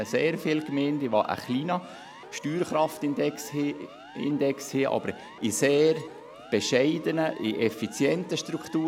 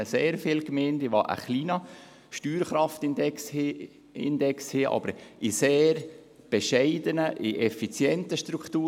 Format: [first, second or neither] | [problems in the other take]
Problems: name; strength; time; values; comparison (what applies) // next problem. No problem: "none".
second | background sound (Siren); 19 dB below the speech